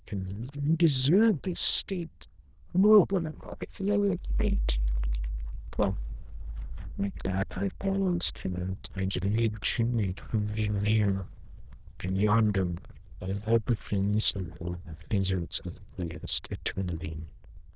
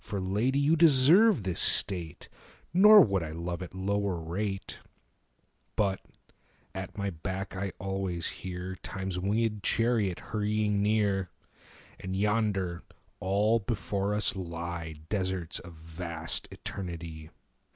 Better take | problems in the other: second | noise reduction (neural diffusion model UNIVERSE++)

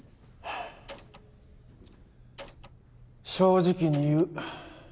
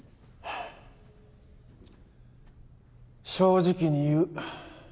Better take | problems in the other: second | background sound (Door); 19 dB below the speech

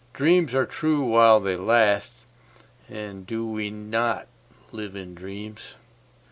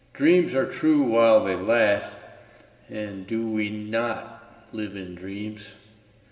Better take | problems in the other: first | room echo; dies away in 1.8 s

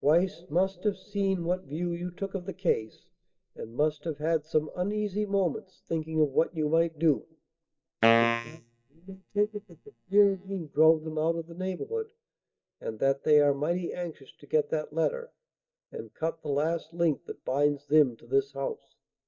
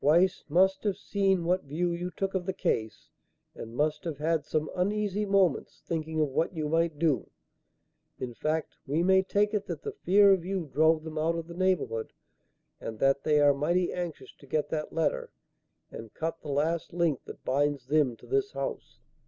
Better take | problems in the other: second | noise reduction (neural mask model DeepFilterNet 3)

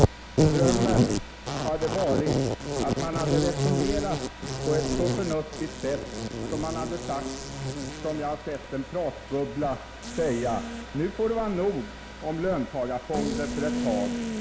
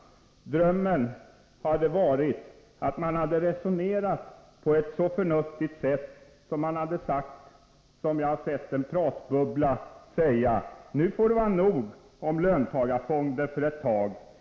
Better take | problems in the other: second | background sound (Insect); 1 dB above the speech

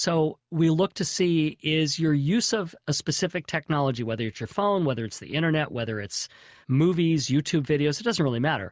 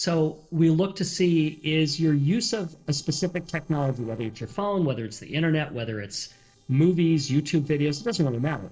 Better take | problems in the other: first | noise reduction (neural separator model SepFormer DNS4)

